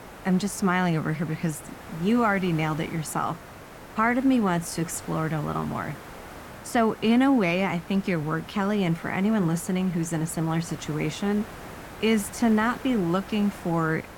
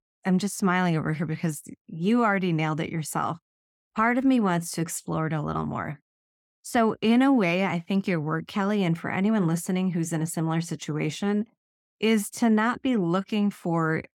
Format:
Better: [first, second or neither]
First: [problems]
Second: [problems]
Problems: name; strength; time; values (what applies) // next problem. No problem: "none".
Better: second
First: hiss; noticeable; throughout; 15 dB below the speech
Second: none